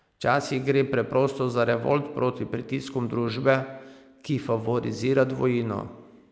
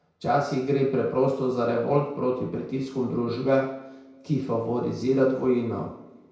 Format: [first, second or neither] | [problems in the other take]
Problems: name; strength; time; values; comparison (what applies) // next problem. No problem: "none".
first | room echo; dies away in 0.6 s